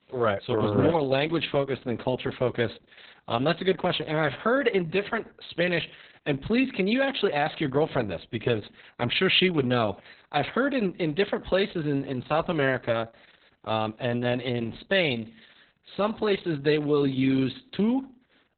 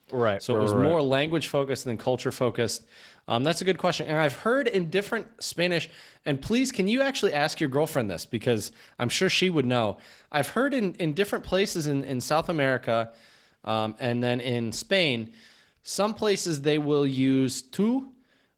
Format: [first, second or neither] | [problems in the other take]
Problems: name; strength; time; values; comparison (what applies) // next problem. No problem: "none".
second | garbled, watery; badly; nothing above 4 kHz; slightly in the second